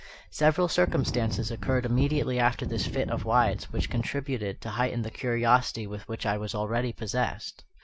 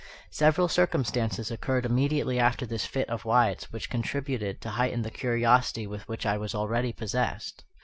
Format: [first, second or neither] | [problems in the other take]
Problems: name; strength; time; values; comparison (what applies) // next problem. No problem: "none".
second | background sound (Wind); 5 dB below the speech